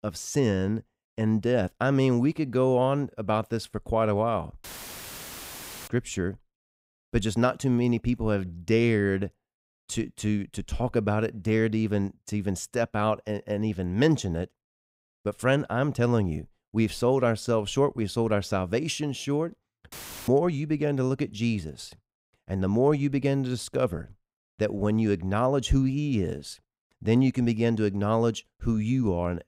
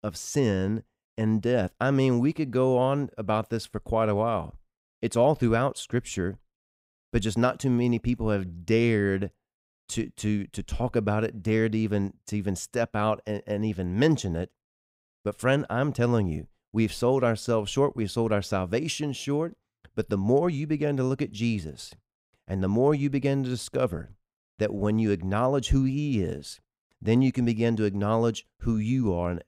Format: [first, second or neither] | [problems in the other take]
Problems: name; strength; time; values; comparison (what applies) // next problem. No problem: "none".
second | audio cutting out; filled with static; at 4.5 s for 1 s and at 20 s